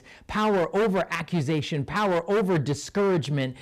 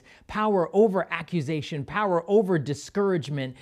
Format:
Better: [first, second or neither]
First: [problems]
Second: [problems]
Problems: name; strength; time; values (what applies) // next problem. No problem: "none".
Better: second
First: distortion; heavy; 17% of the sound clipped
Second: none